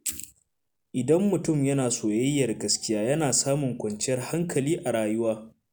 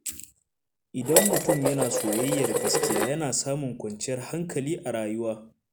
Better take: first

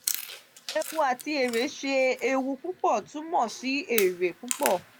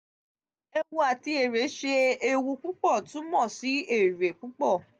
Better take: second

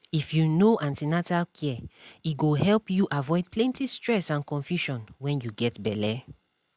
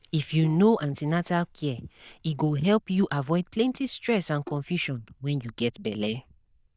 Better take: first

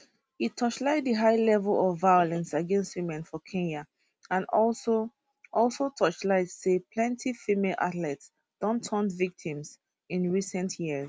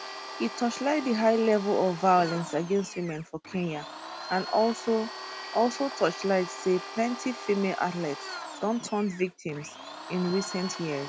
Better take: first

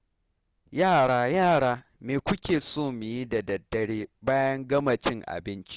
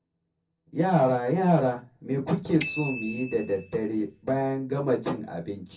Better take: first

